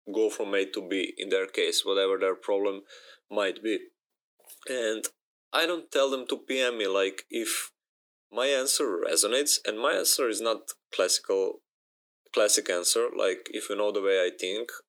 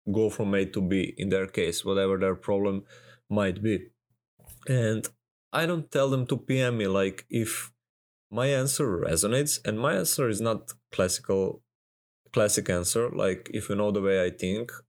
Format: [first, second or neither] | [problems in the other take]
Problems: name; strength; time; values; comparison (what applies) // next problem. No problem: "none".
second | thin; somewhat; fading below 300 Hz